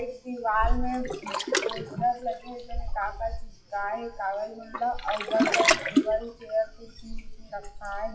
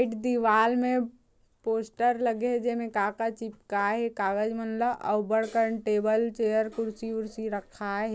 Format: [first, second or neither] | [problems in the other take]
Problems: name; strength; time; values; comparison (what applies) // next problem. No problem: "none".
second | noise reduction (classical method WPE with log-MMSE)